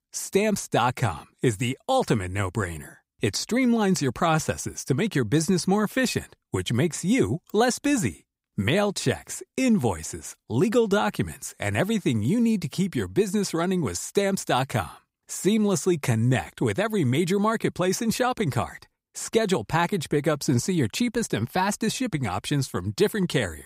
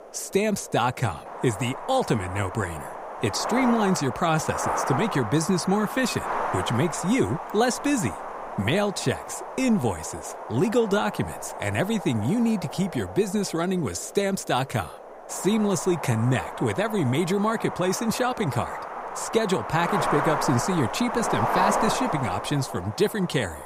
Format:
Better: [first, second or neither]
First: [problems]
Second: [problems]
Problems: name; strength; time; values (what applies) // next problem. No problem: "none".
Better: first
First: none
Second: wind noise on the microphone; heavy; 2 dB below the speech